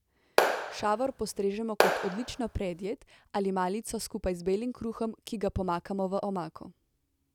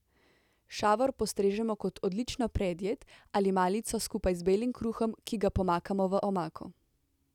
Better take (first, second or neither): second